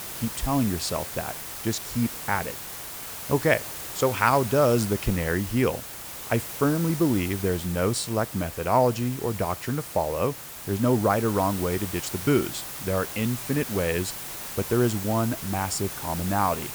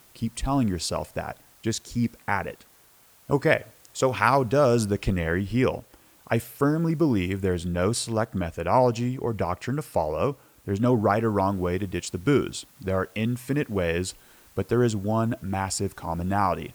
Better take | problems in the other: second | hiss; loud; throughout; 7 dB below the speech; faint in the second

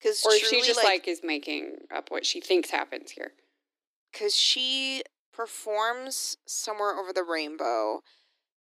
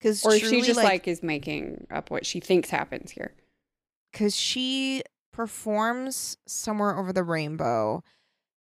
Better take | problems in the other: second | thin; somewhat; fading below 300 Hz

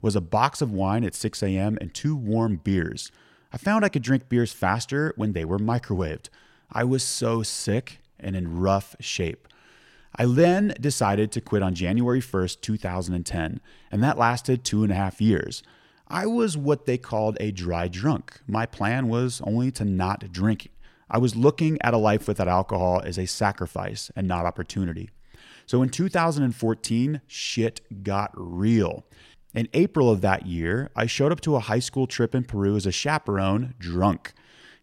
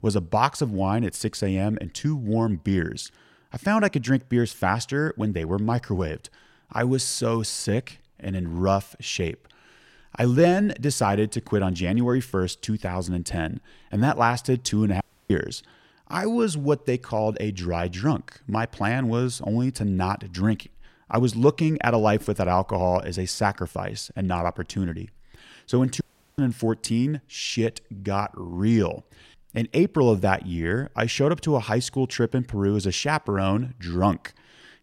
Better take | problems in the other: first | audio cutting out; at 15 s and at 26 s

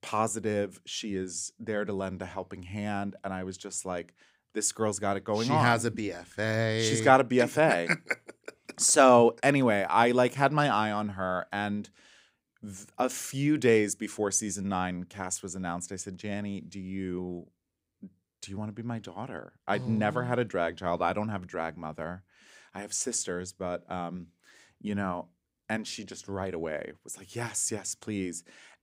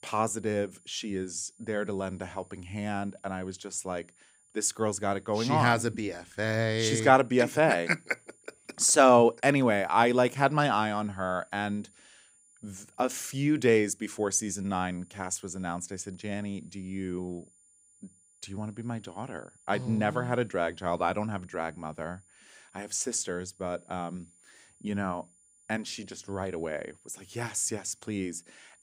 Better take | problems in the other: first | high-pitched whine; faint; throughout; 9 kHz, 30 dB below the speech

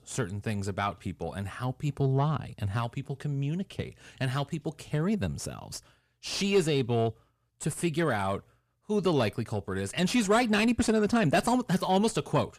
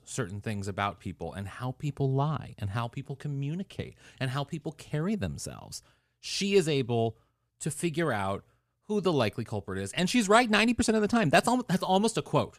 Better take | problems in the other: second | distortion; slight; 10 dB below the speech

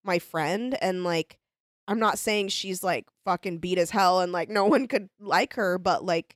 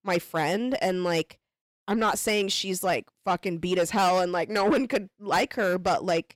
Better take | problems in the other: first | distortion; slight; 10 dB below the speech

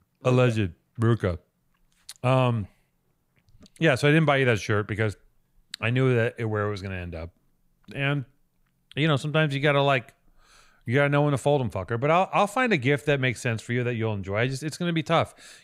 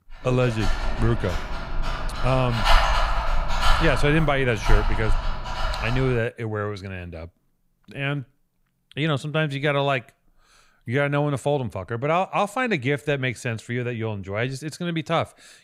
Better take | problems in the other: first | dog barking; loud; until 6 s; peak 5 dB above the speech

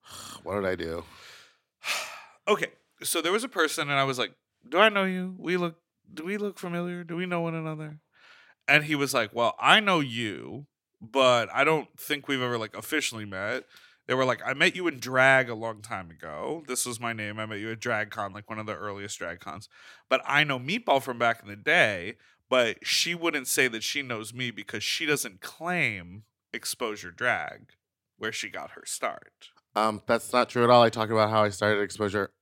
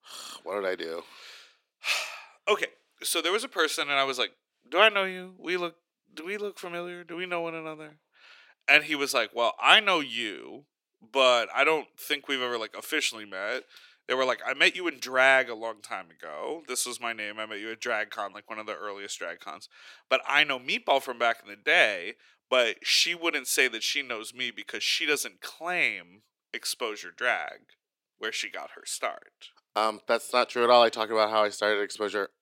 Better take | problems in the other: first | thin; somewhat; fading below 400 Hz

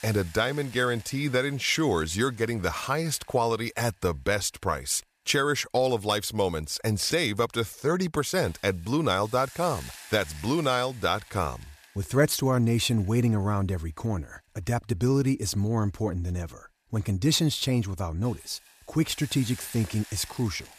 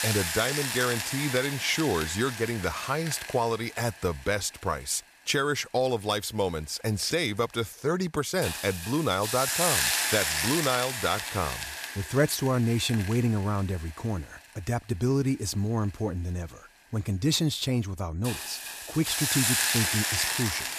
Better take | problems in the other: first | hiss; loud; throughout; 1 dB below the speech; faint in the first

